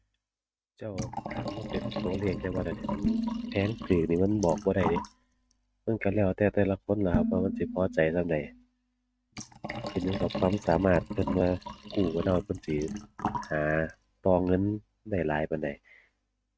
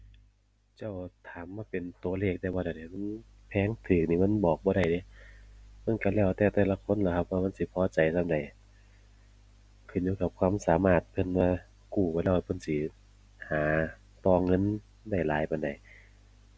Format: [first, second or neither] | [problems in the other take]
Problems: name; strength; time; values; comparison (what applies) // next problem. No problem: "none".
second | noise reduction (neural mask model RNNoise)